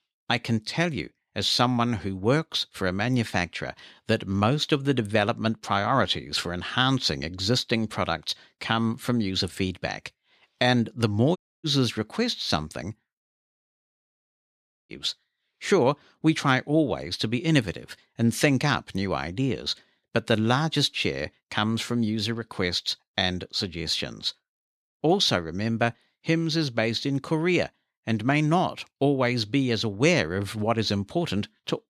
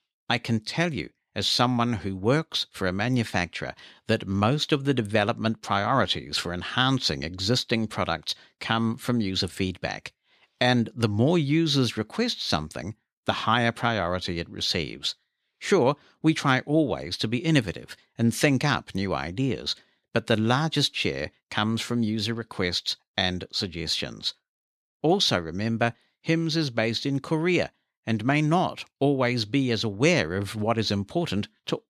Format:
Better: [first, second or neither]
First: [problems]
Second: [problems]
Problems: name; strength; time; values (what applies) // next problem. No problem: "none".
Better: second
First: audio cutting out; at 11 s and at 13 s for 1.5 s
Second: none